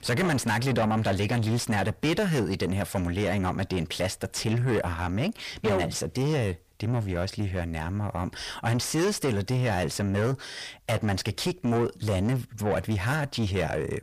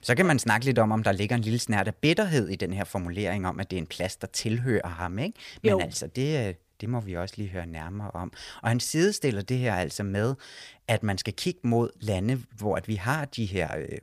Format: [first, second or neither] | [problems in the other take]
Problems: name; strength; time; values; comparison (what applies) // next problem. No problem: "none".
second | distortion; heavy; 6 dB below the speech